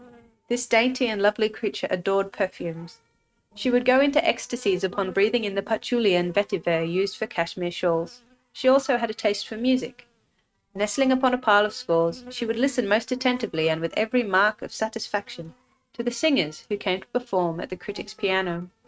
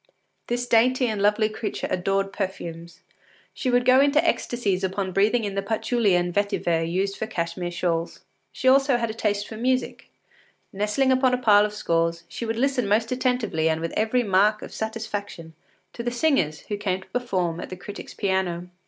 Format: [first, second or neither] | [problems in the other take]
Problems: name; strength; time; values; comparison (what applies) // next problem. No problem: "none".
second | noise reduction (neural mask model RNNoise)